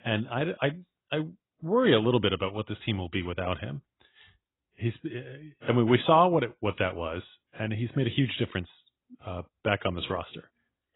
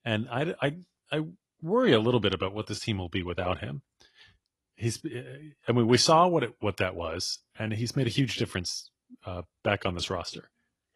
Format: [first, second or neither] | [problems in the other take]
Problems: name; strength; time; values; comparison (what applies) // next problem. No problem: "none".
second | garbled, watery; badly; nothing above 3.5 kHz; slightly in the second